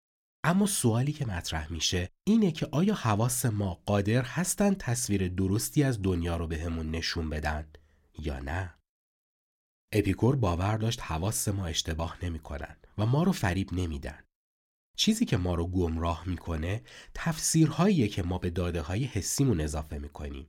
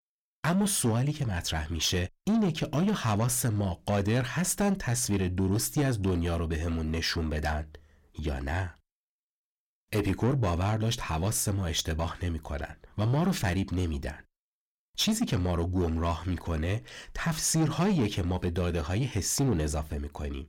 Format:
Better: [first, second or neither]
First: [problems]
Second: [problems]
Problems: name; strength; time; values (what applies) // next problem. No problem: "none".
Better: first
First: none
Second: distortion; slight; 10 dB below the speech